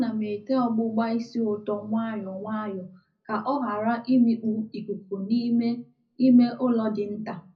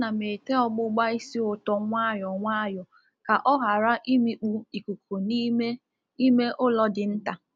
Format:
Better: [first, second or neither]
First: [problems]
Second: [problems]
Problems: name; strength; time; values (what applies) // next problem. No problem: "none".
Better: second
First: room echo; dies away in 0.4 s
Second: none